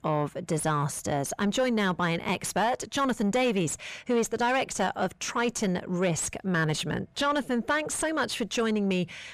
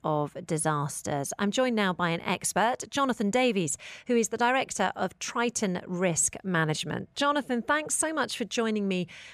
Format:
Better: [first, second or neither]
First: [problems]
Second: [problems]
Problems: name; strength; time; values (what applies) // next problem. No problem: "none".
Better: second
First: distortion; slight; 10 dB below the speech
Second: none